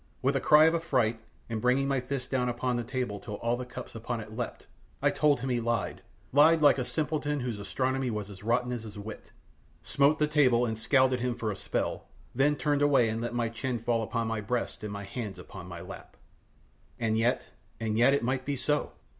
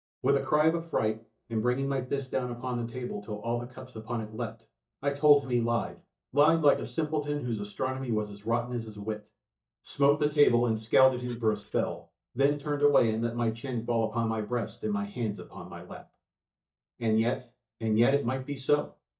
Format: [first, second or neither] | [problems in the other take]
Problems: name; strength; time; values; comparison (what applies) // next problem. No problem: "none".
first | noise reduction (neural mask model DeepFilterNet 3)